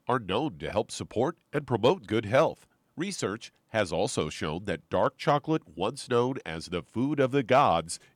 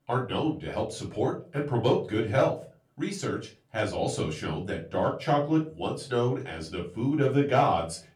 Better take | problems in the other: first | off-mic speech; far // room echo; very slight; dies away in 0.3 s

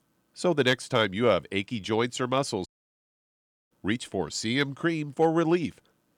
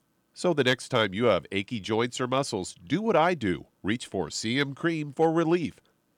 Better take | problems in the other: second | audio cutting out; at 2.5 s for 1 s

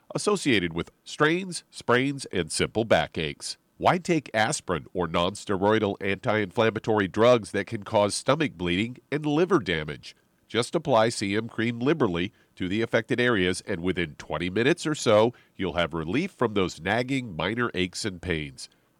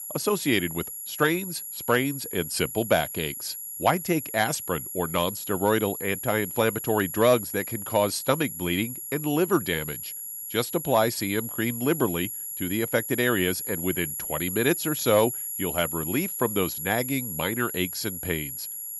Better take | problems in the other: first | high-pitched whine; loud; throughout; 11.5 kHz, 6 dB below the speech

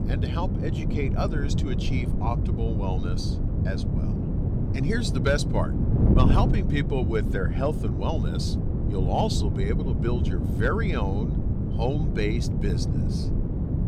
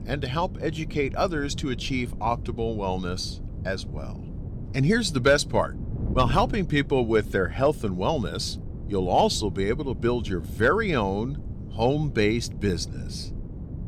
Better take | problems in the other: second | wind noise on the microphone; heavy; 4 dB below the speech; occasional gusts in the second

